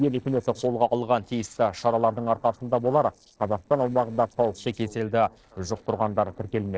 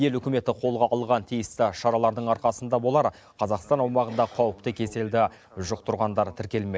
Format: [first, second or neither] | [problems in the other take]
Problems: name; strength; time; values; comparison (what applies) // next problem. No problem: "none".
second | noise reduction (neural separator model SepFormer DNS4)